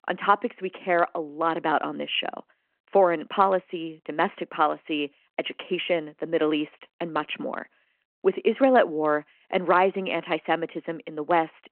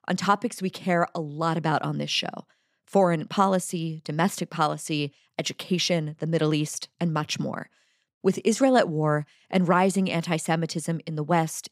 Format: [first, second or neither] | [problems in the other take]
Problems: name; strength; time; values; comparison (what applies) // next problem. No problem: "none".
second | phone-call audio